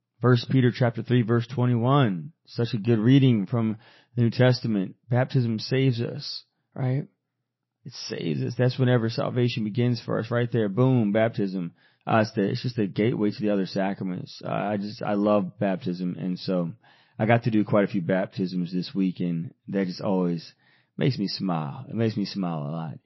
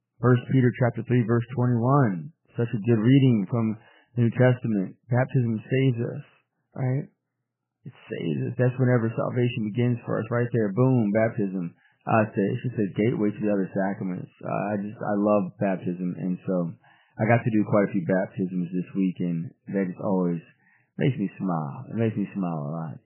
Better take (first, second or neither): first